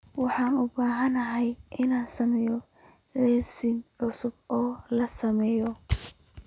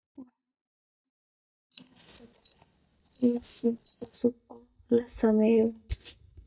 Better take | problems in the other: first | noise reduction (neural mask model DeepFilterNet 3)

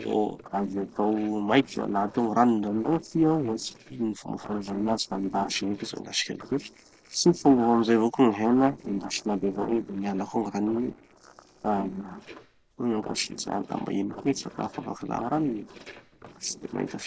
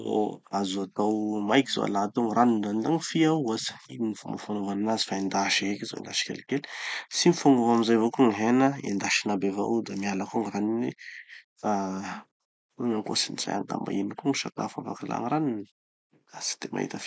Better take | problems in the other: second | noise reduction (neural separator model SepFormer DNS4)

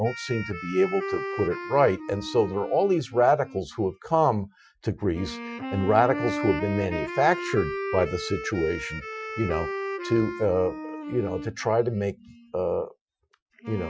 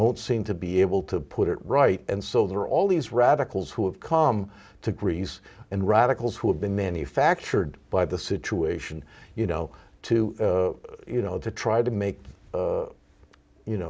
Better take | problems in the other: second | noise reduction (classical method Wiener filter)

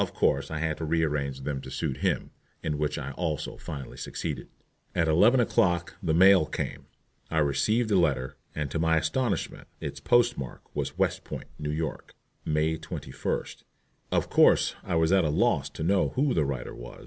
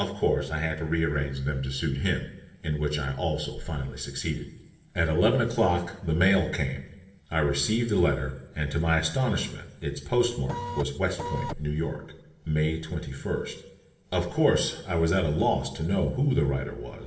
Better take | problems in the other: first | background sound (Printer); 5 dB below the speech // room echo; dies away in 0.7 s

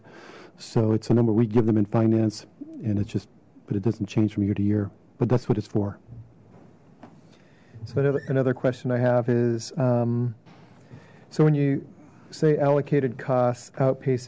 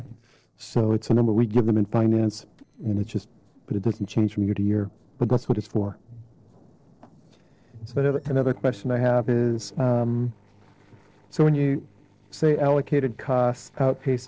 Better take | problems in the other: first | noise reduction (neural separator model SepFormer DNS4)

